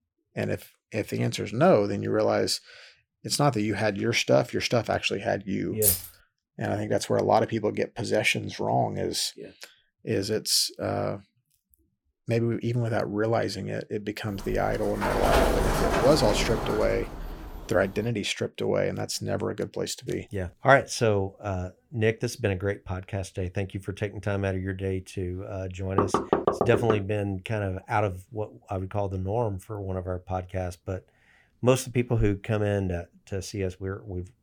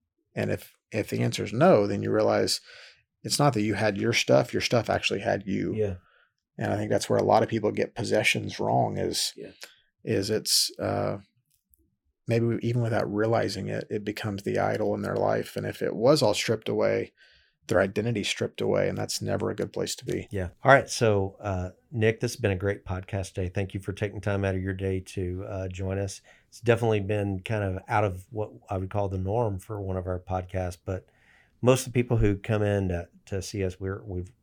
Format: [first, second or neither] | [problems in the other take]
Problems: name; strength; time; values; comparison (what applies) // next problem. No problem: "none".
second | jangling keys; loud; at 6 s; peak 4 dB above the speech // door banging; loud; from 14 to 18 s and from 26 to 27 s; peak 4 dB above the speech